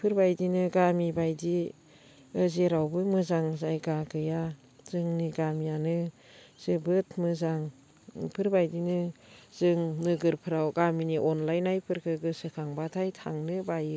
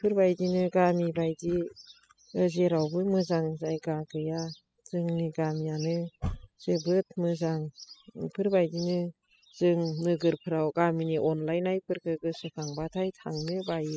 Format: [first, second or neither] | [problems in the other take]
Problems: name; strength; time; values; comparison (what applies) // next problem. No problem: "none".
first | noise reduction (classical method spectral subtraction)